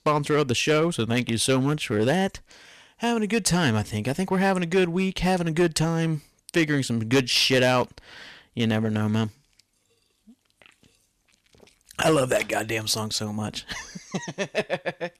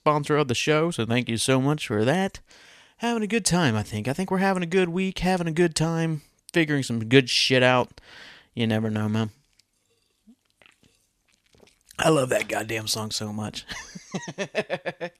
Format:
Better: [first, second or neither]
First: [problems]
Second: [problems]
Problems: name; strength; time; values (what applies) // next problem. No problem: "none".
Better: second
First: distortion; slight; 4% of the sound clipped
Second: none